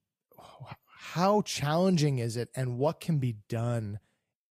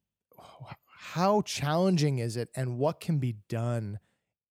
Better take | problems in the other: second | garbled, watery; slightly; nothing above 14.5 kHz

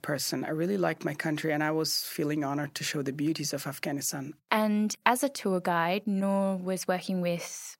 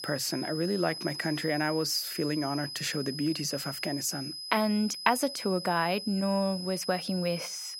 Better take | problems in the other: first | high-pitched whine; loud; throughout; 5 kHz, 7 dB below the speech

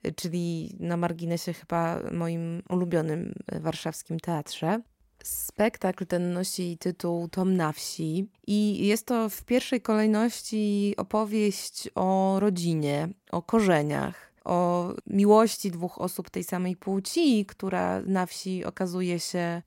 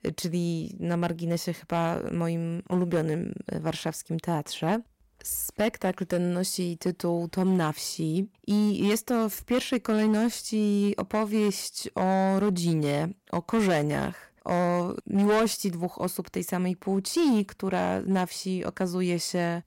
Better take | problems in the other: first | distortion; slight; 6% of the sound clipped

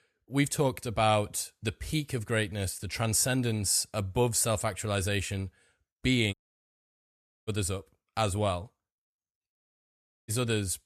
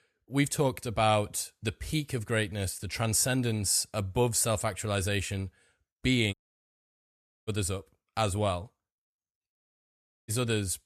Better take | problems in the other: neither | audio cutting out; at 6.5 s for 1 s and at 9.5 s for 0.5 s; the same in both

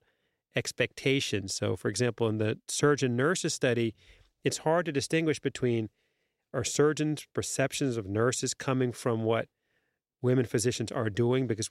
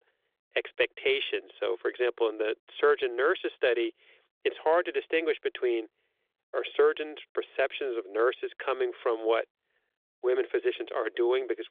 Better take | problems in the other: first | phone-call audio; nothing above 3.5 kHz

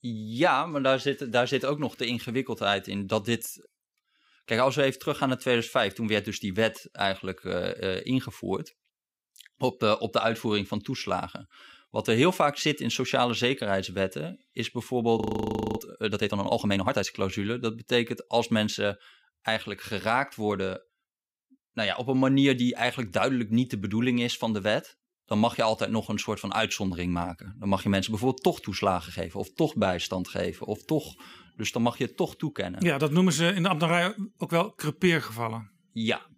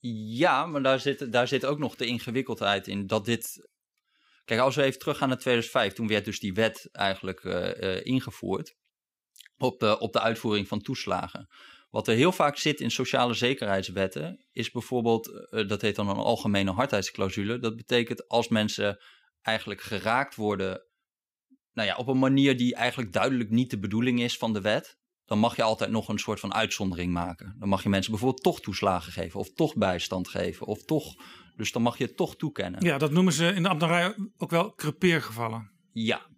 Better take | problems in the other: second | audio freezing; at 15 s for 0.5 s

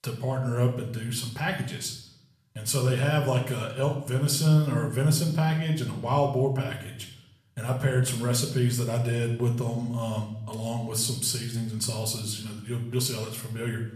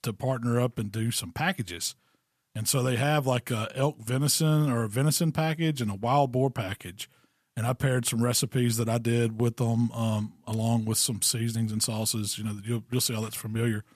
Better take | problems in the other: second | room echo; slight; dies away in 0.6 s // off-mic speech; somewhat distant

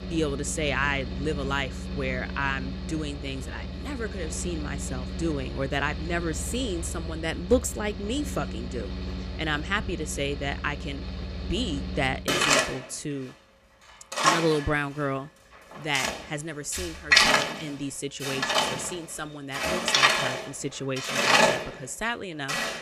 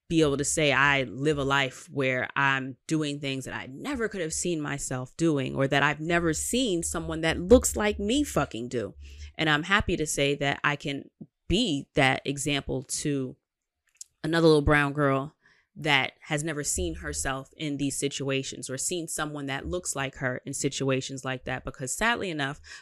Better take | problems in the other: second | machinery noise; very loud; throughout; 3 dB above the speech

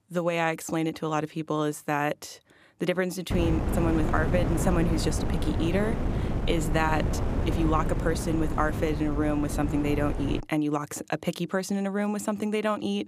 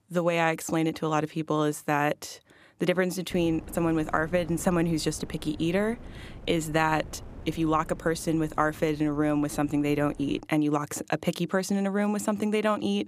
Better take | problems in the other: second | wind noise on the microphone; heavy; from 3.5 to 10 s; 6 dB below the speech; occasional gusts in the second

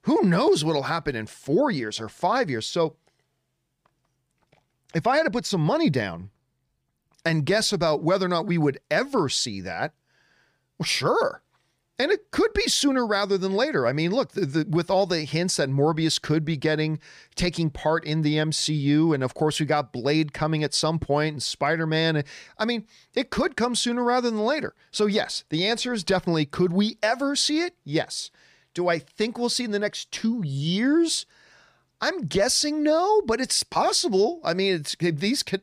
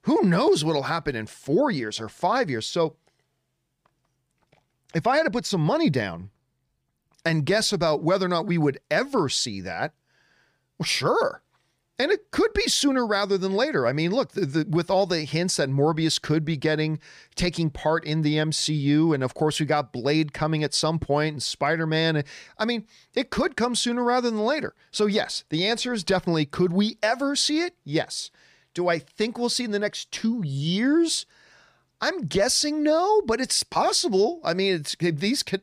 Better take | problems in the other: neither | none

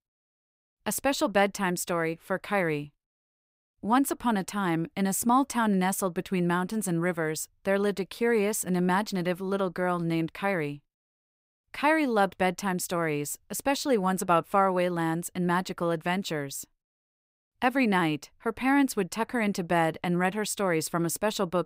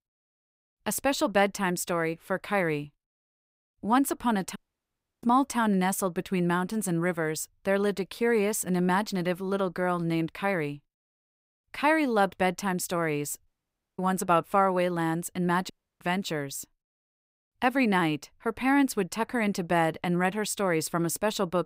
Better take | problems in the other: first | audio cutting out; at 4.5 s for 0.5 s, at 13 s for 0.5 s and at 16 s

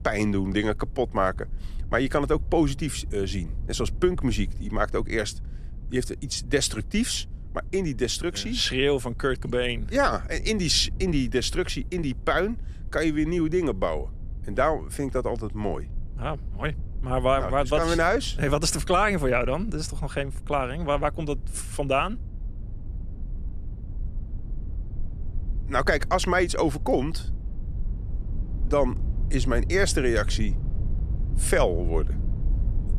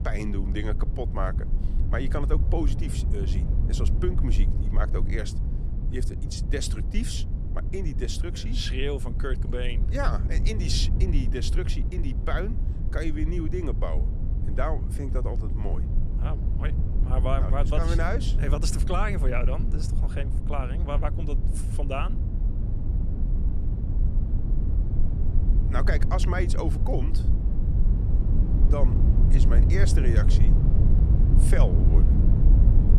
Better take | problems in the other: first | low rumble; loud; throughout; 7 dB below the speech; faint in the first

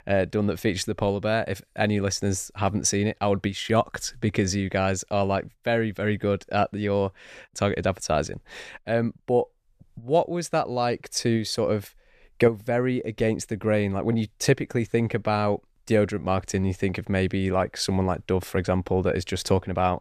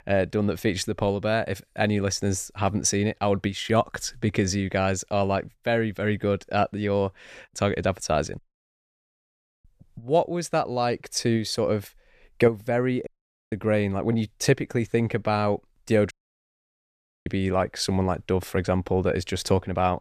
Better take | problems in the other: first | audio cutting out; at 8.5 s for 1.5 s, at 13 s and at 16 s for 1 s

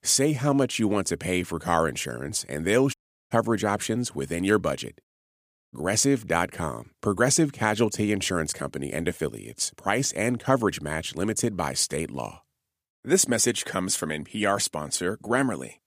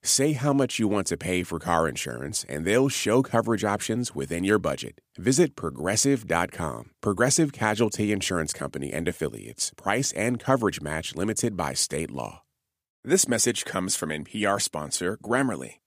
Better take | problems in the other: second | audio cutting out; at 3 s and at 5 s for 0.5 s

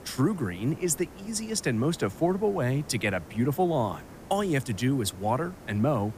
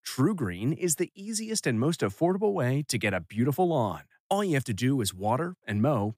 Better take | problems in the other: second | hiss; noticeable; throughout; 20 dB below the speech

